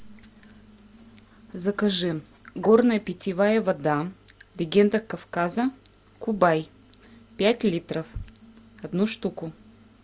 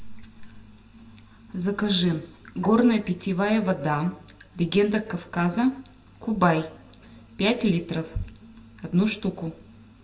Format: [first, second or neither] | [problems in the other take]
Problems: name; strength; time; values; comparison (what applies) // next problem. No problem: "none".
first | room echo; dies away in 0.5 s